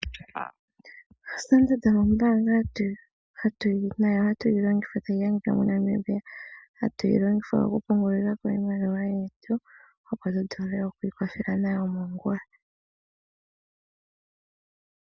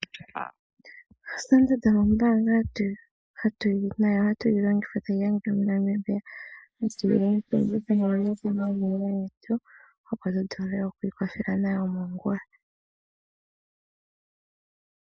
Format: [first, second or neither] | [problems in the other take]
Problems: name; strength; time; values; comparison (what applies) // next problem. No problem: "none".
first | noise reduction (neural mask model Resemble Enhance denoiser)